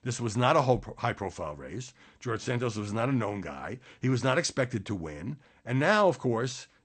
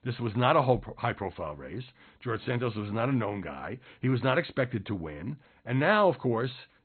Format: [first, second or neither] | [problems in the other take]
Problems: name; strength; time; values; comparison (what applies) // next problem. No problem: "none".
first | garbled, watery; badly; nothing above 4 kHz; slightly in the first